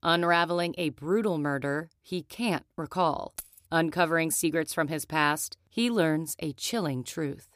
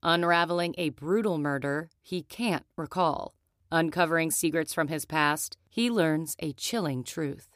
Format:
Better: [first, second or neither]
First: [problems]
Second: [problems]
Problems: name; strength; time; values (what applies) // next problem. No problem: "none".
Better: second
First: jangling keys; faint; at 3.5 s; peak 15 dB below the speech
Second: none